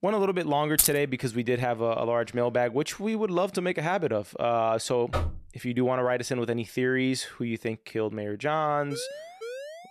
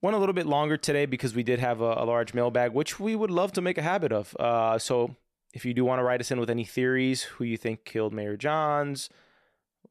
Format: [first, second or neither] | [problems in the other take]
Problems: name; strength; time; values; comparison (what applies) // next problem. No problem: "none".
second | jangling keys; loud; at 1 s; peak 4 dB above the speech // door banging; noticeable; at 5 s; peak 4 dB below the speech // siren; faint; from 9 s on; peak 10 dB below the speech